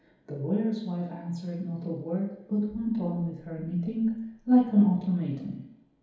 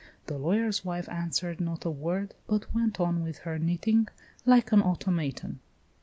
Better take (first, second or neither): second